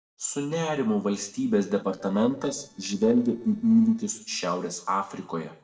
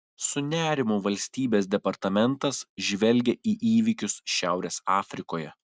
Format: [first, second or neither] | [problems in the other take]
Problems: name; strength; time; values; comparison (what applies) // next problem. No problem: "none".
second | noise reduction (neural separator model SepFormer DNS4)